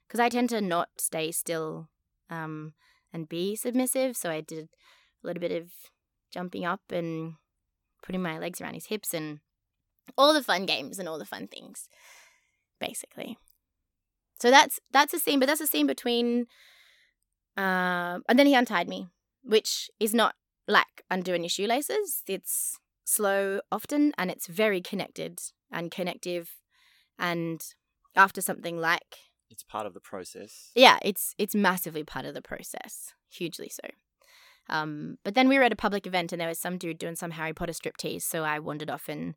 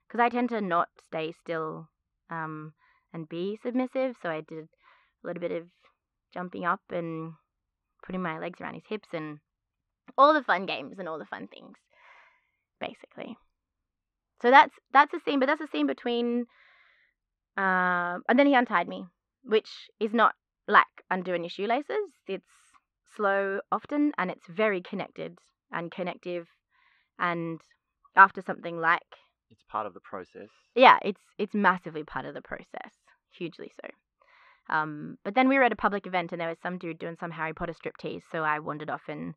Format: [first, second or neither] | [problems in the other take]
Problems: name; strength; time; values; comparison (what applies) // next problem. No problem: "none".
first | muffled; very; fading above 3 kHz